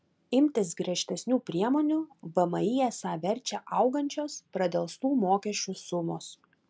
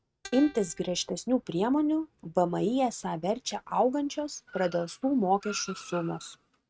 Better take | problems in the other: first | noise reduction (neural mask model RNNoise)

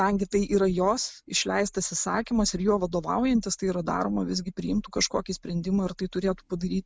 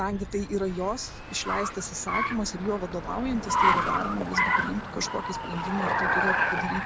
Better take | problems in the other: first | background sound (Car); 3 dB above the speech

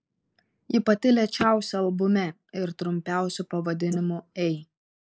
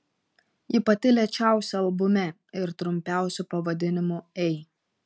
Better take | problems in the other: second | noise reduction (neural mask model Resemble Enhance denoiser)

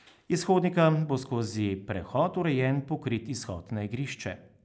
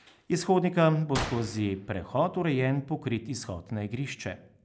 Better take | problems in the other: first | background sound (Gunshot, gunfire); 12 dB below the speech

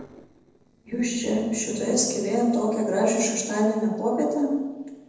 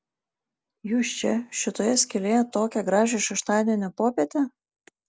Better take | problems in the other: second | noise reduction (neural separator model SepFormer DNS4)

